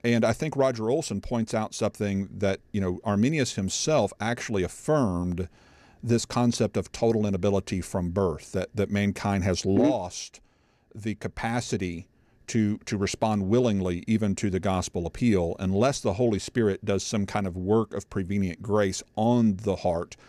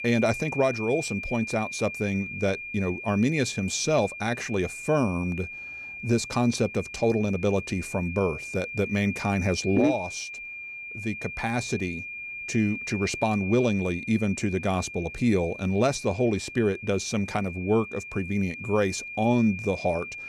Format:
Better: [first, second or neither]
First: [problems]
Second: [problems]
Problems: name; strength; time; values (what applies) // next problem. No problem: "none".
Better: first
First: none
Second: high-pitched whine; loud; throughout; 2.5 kHz, 9 dB below the speech